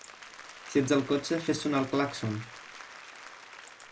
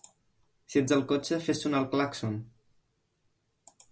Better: second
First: background sound (Applause); 15 dB below the speech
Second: none

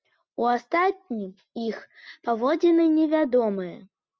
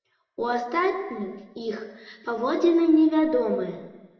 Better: first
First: none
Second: room echo; dies away in 1.1 s

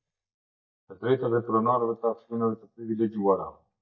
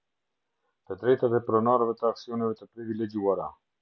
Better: second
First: noise reduction (neural mask model DeepFilterNet 3)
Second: none

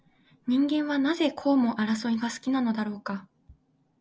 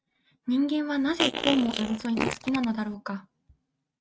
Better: first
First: none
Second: noise reduction (neural mask model RNNoise)

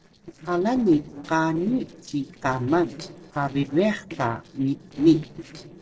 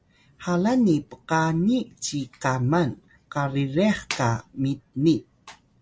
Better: second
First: noise reduction (neural separator model SepFormer DNS4)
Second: none

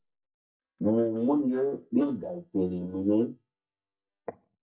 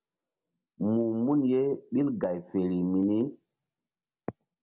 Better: second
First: noise reduction (neural mask model DeepFilterNet 3)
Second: none

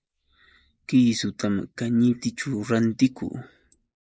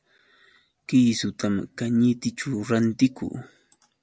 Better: second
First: noise reduction (neural mask model Resemble Enhance denoiser)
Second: none

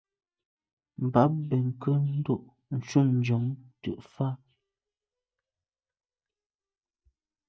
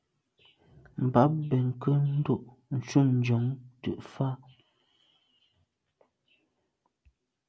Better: second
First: noise reduction (neural mask model DeepFilterNet 3)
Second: none

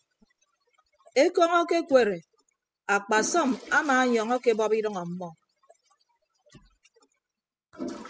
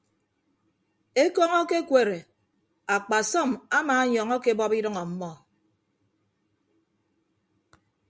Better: second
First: noise reduction (classical method spectral subtraction)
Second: none

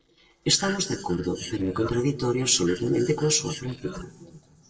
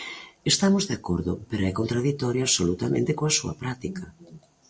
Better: second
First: noise reduction (neural separator model SepFormer DNS4)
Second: none

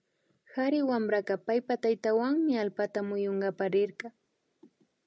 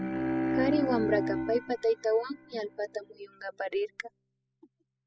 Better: first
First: none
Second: noise reduction (classical method spectral subtraction)

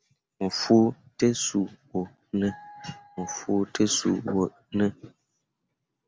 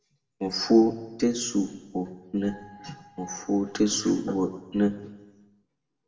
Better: first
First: none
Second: room echo; dies away in 0.8 s

